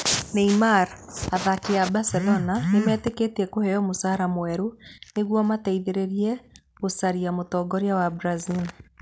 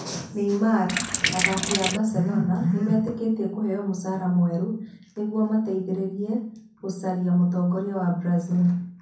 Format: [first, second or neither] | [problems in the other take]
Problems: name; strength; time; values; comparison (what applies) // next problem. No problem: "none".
first | background sound (Sink (filling or washing)); 1 dB below the speech // room echo; dies away in 0.6 s